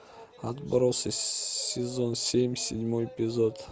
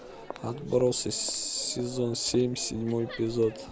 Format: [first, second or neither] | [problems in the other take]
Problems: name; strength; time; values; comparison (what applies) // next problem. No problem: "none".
first | background sound (Crowd); 16 dB below the speech